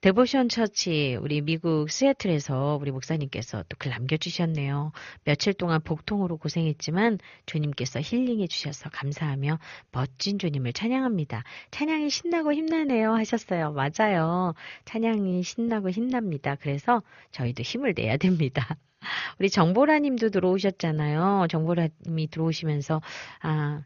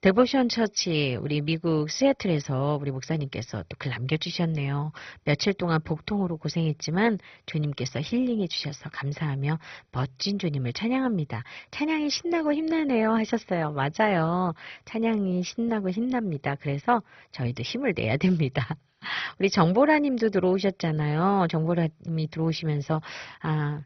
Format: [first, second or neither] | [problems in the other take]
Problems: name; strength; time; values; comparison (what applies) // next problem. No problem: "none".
first | garbled, watery; badly; nothing above 6 kHz; slightly in the first